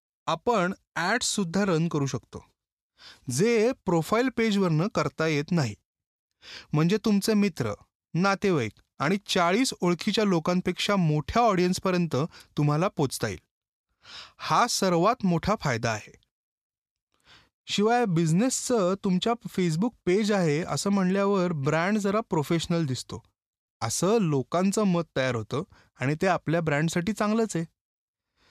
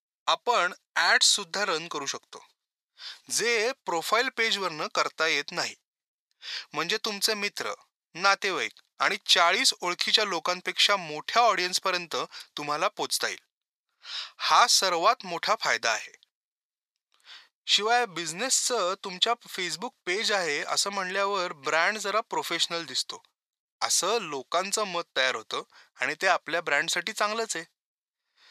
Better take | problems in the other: first | thin; very; fading below 750 Hz

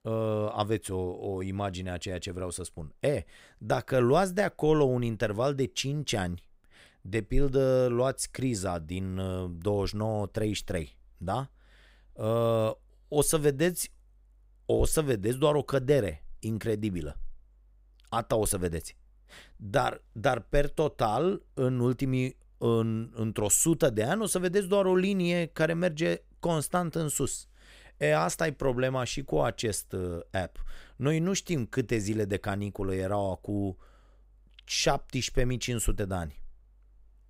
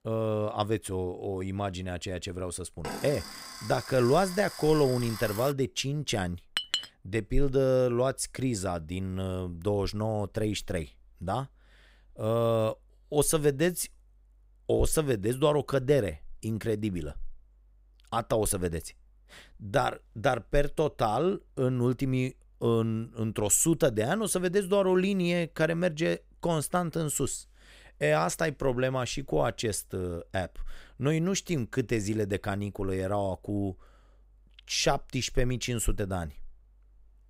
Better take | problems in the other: first | alarm; noticeable; from 3 to 5.5 s; peak 8 dB below the speech // clattering dishes; noticeable; at 6.5 s; peak 1 dB below the speech

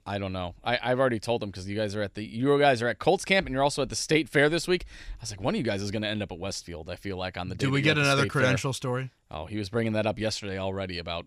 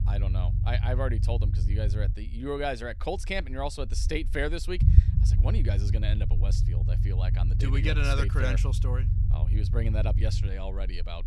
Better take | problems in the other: first | low rumble; loud; throughout; 8 dB below the speech

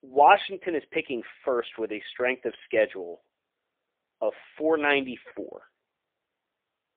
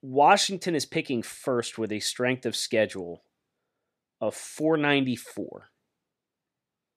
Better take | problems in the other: second | phone-call audio; poor line; nothing above 3.5 kHz

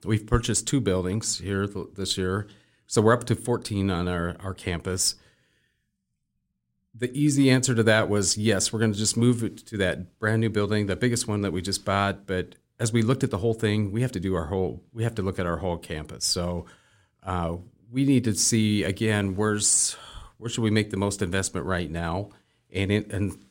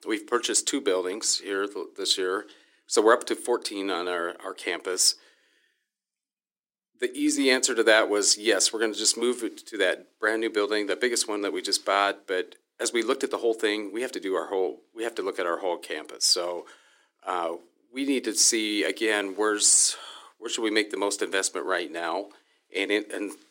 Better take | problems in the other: first | thin; somewhat; fading below 300 Hz

